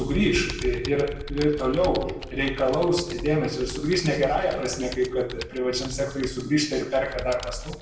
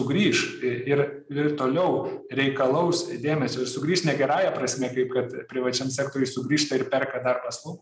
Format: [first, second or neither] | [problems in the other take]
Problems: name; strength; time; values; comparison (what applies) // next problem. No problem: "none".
second | background sound (Computer keyboard); 11 dB below the speech // room echo; dies away in 0.8 s